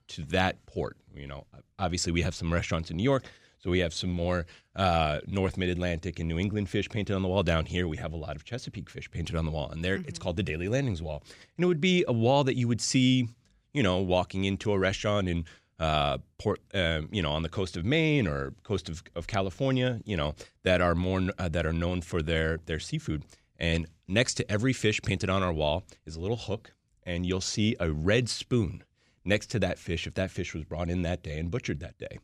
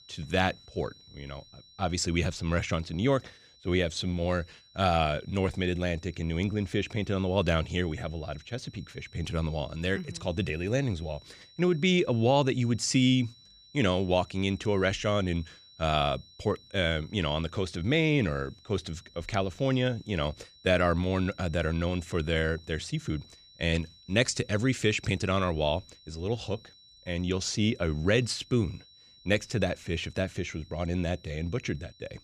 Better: first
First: none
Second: high-pitched whine; faint; throughout; 4 kHz, 25 dB below the speech

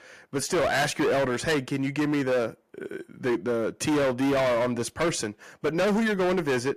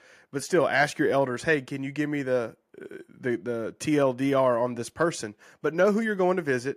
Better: second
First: distortion; heavy; 22% of the sound clipped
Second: none

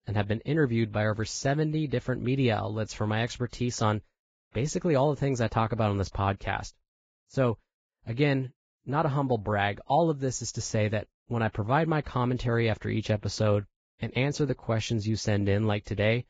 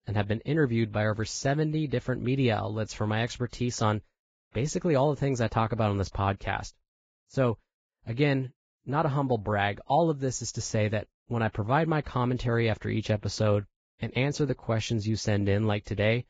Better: neither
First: garbled, watery; badly; nothing above 7.5 kHz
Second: garbled, watery; badly; nothing above 7.5 kHz

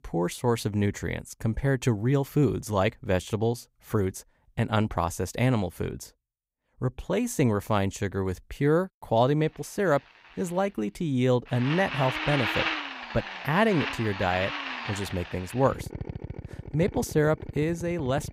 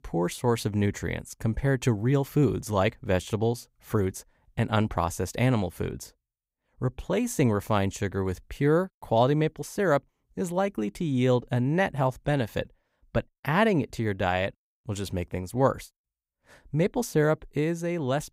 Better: second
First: machinery noise; loud; from 10 s on; 6 dB below the speech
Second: none

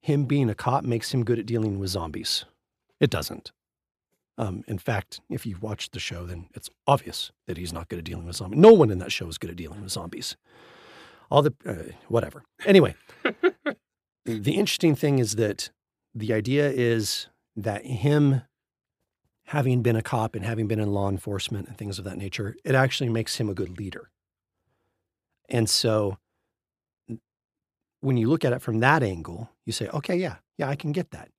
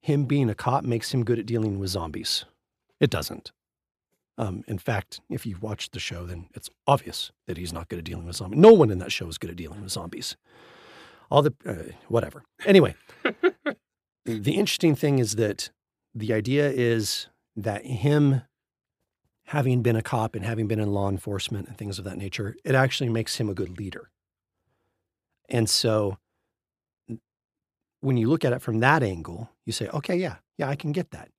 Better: neither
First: none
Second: none

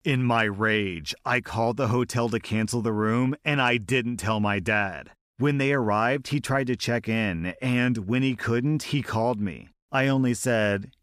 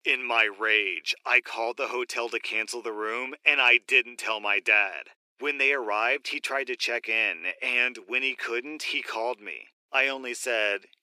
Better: first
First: none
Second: thin; very; fading below 350 Hz

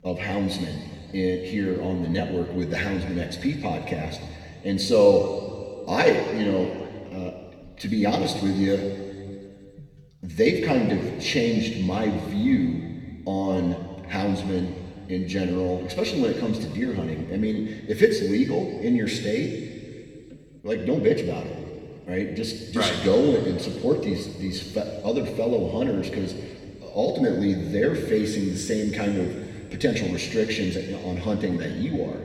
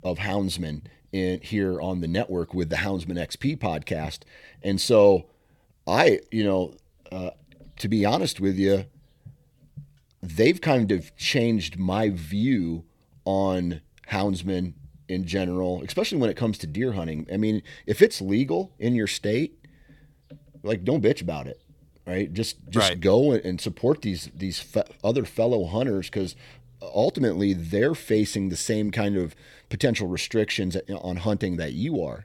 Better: second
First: room echo; noticeable; dies away in 2.3 s // off-mic speech; far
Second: none

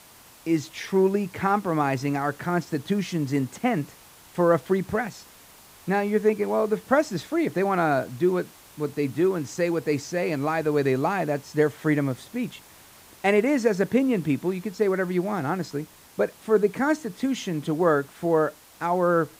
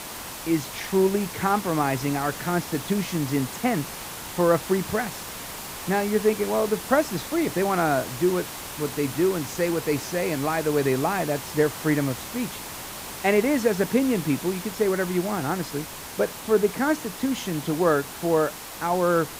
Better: first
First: hiss; faint; throughout; 25 dB below the speech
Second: hiss; loud; throughout; 9 dB below the speech

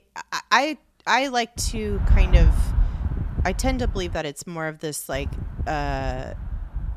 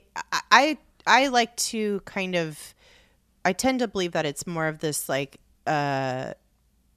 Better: second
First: wind noise on the microphone; occasional gusts; from 1.5 to 4 s and from 5 s on; 15 dB below the speech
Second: none

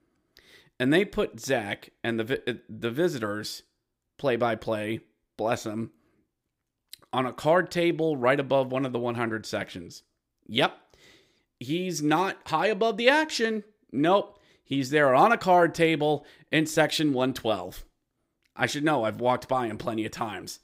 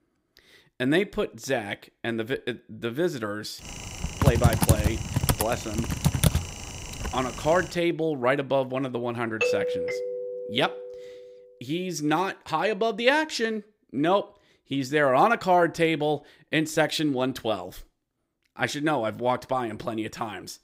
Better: first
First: none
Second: keyboard typing; loud; from 4 to 7 s; peak 5 dB above the speech // doorbell; loud; from 9.5 to 11 s; peak 1 dB above the speech

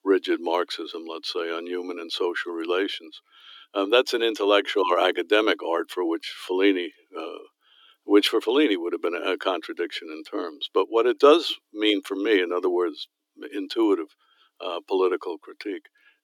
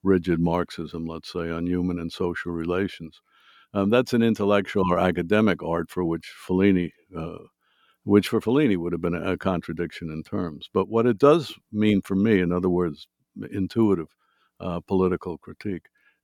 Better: second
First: thin; somewhat; fading below 300 Hz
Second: none

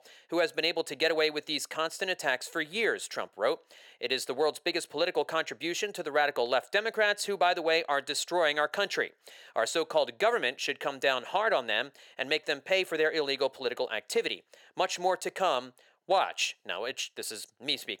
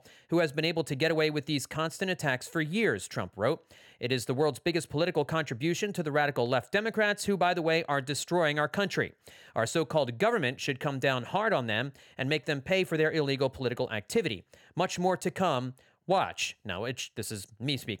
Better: second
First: thin; somewhat; fading below 500 Hz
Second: none

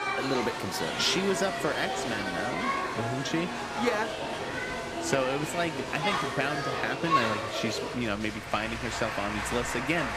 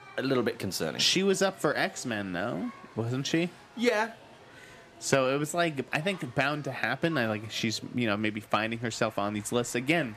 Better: second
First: crowd noise; loud; throughout; 1 dB below the speech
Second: crowd noise; faint; throughout; 20 dB below the speech

